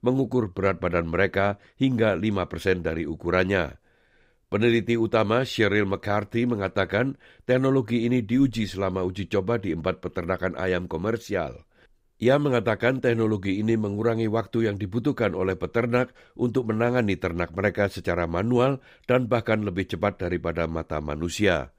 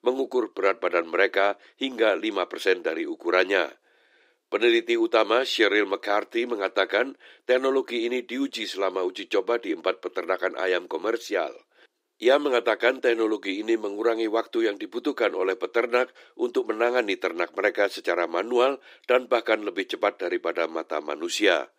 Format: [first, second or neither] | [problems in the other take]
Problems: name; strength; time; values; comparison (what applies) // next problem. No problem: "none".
first | thin; somewhat; fading below 300 Hz